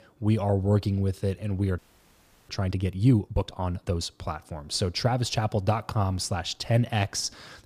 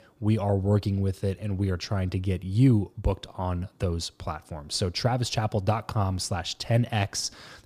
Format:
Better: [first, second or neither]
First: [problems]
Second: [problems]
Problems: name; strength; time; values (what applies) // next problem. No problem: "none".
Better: second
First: audio freezing; at 2 s for 0.5 s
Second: none